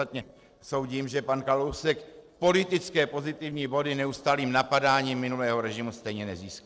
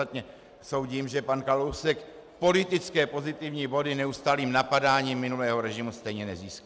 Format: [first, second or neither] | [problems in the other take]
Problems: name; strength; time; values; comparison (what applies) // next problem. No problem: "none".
second | noise reduction (neural separator model SepFormer DNS4)